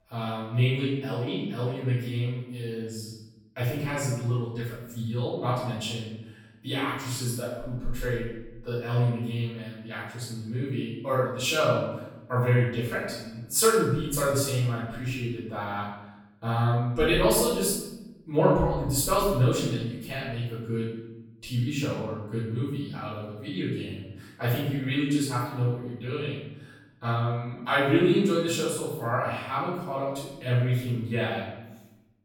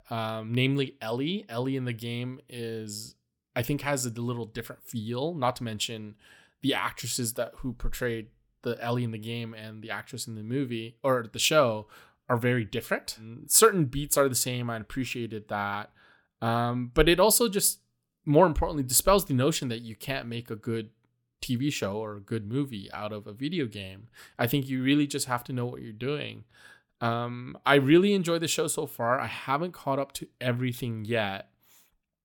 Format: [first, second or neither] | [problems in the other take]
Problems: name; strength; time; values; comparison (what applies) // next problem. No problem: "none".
second | room echo; strong; dies away in 0.9 s // off-mic speech; far